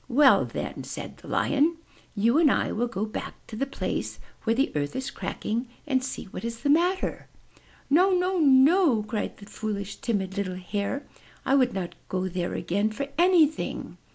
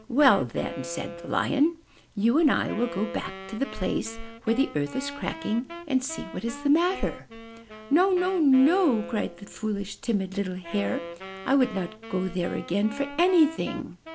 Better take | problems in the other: first | background sound (Wind instrument, woodwind instrument); 15 dB below the speech

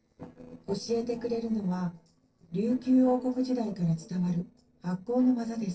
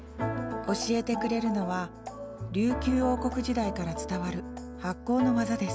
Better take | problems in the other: second | noise reduction (neural separator model SepFormer DNS4)

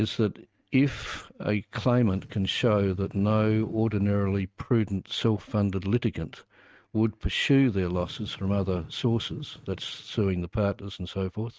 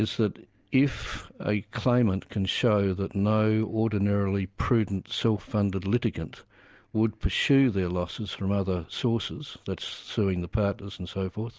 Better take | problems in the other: second | noise reduction (neural mask model RNNoise)

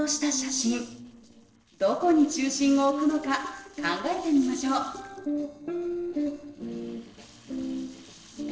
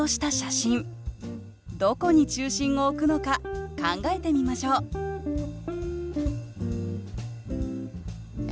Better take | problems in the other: second | noise reduction (neural separator model SepFormer DNS4)

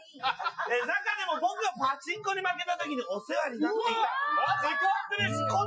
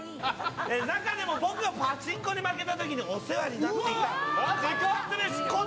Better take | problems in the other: second | noise reduction (classical method Wiener filter)

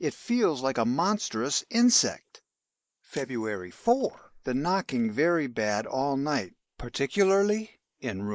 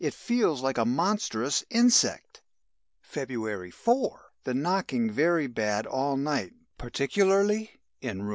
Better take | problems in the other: second | noise reduction (neural mask model Resemble Enhance denoiser)

